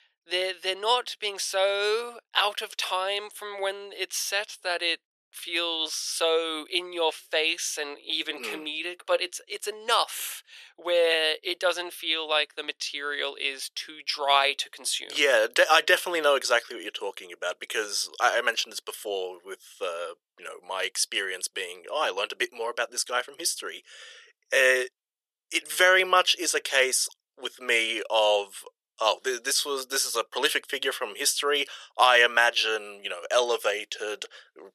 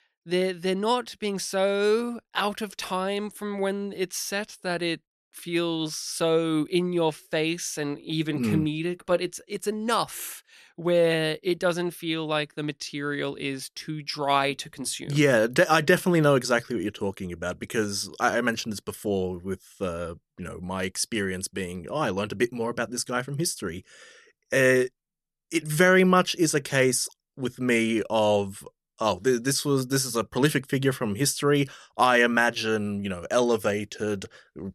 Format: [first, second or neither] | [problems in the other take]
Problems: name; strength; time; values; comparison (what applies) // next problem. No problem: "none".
second | thin; very; fading below 500 Hz